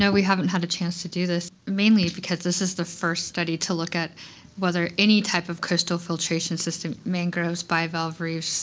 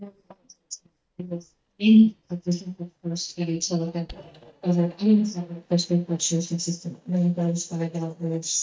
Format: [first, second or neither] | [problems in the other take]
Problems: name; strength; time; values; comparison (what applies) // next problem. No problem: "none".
first | noise reduction (neural mask model DeepFilterNet 3)